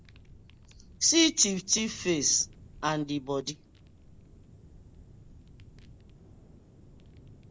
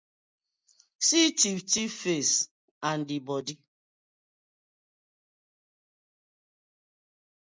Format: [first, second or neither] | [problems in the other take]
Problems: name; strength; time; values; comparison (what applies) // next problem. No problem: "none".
second | background sound (Fire); 20 dB below the speech